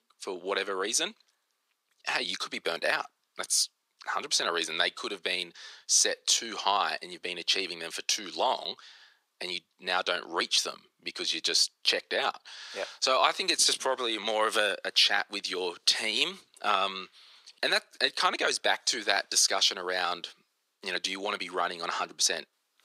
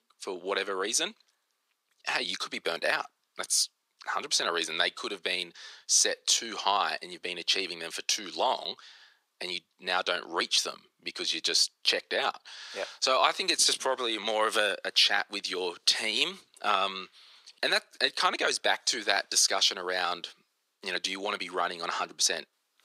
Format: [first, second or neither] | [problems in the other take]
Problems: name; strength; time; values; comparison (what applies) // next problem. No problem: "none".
neither | thin; very; fading below 450 Hz; the same in both